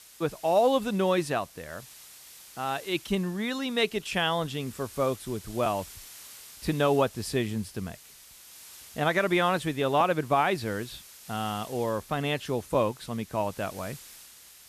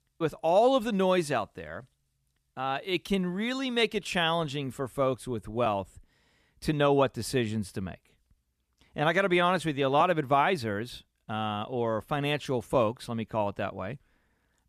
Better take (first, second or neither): second